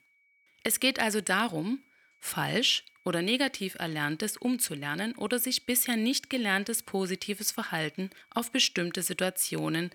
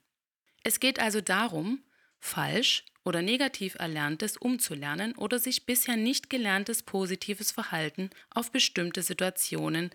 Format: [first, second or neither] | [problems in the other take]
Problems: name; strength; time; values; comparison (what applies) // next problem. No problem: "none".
second | high-pitched whine; faint; throughout; 2.5 kHz, 35 dB below the speech